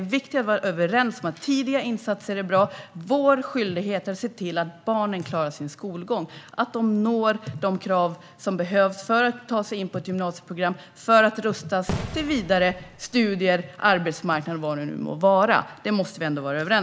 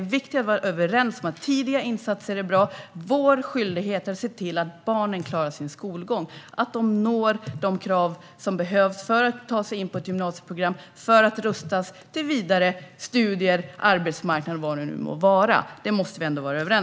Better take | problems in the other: second | background sound (Fireworks); 10 dB below the speech

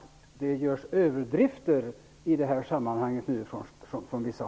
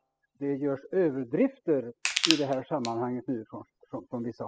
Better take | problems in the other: first | noise reduction (classical method spectral subtraction)

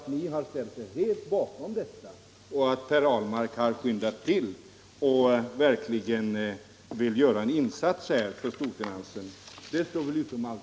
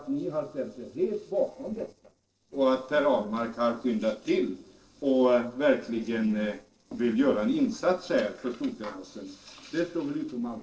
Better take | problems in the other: first | noise reduction (neural separator model SepFormer DNS4)

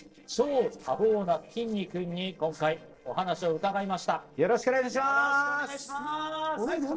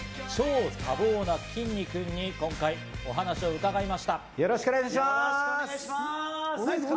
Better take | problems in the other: second | noise reduction (neural separator model SepFormer DNS4)

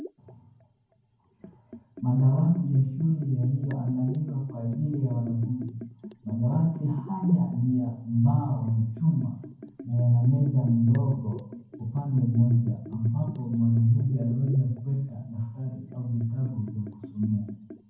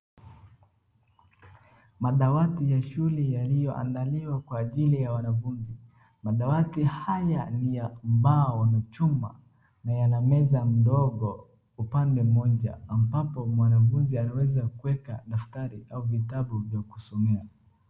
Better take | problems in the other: second | background sound (Liquid); 19 dB below the speech // room echo; dies away in 0.9 s

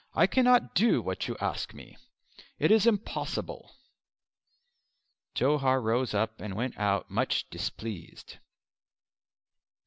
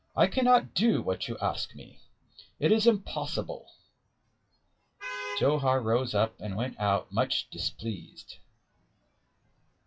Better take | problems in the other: first | noise reduction (classical method WPE with log-MMSE)

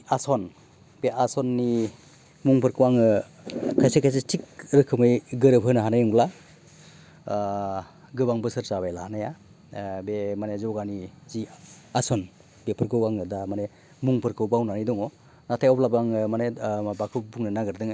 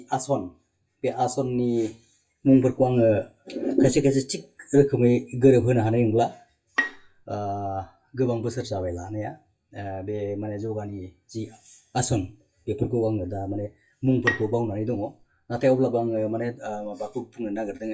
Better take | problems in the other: first | noise reduction (classical method WPE with log-MMSE)

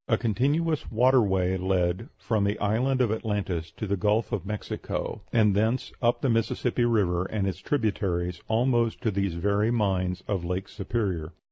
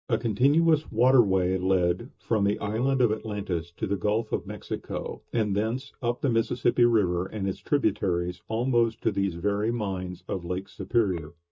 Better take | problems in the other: first | noise reduction (neural mask model DeepFilterNet 3)

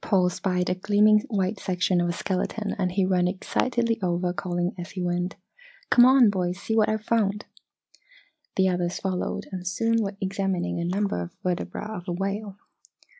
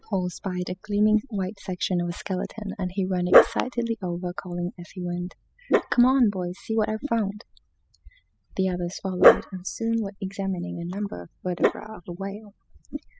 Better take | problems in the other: first | noise reduction (classical method spectral subtraction)

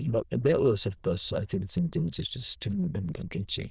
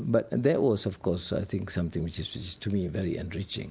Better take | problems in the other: second | noise reduction (neural diffusion model UNIVERSE++)

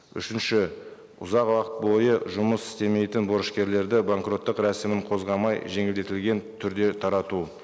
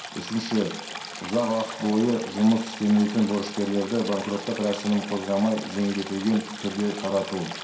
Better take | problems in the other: first | background sound (Stream); 12 dB below the speech // room echo; dies away in 0.5 s

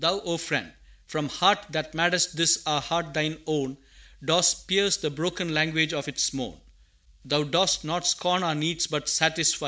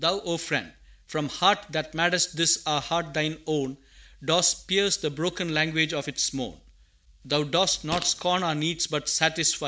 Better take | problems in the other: first | background sound (Fart); 12 dB below the speech

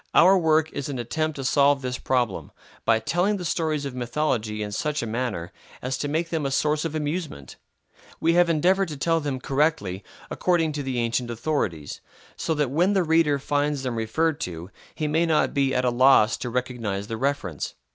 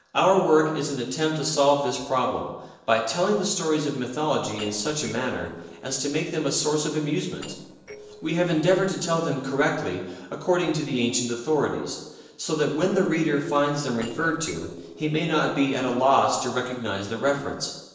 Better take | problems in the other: first | noise reduction (neural separator model SepFormer DNS4)

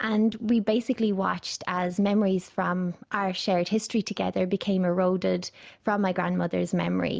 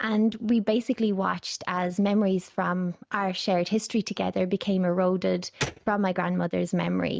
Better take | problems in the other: first | noise reduction (neural mask model RNNoise)

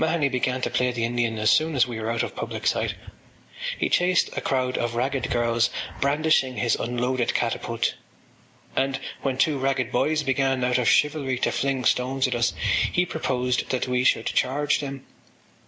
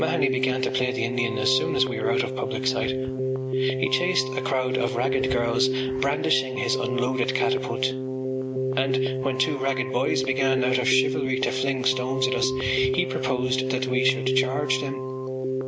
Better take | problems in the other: first | background sound (Keyboard (musical)); as loud as the speech

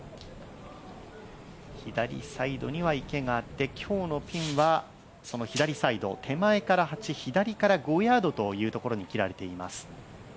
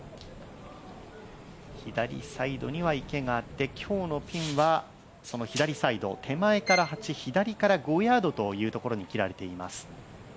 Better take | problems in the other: first | background sound (Bowed string instrument); 6 dB below the speech

